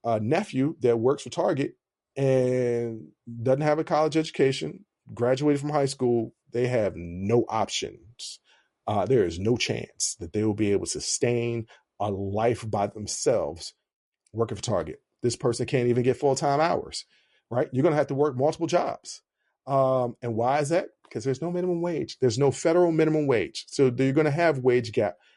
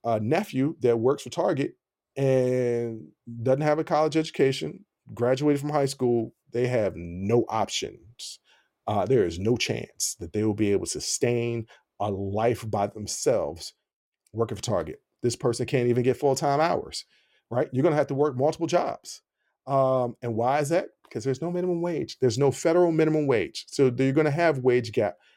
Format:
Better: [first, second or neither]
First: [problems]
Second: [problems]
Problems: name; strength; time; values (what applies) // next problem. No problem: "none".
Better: second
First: garbled, watery; slightly; nothing above 11 kHz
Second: none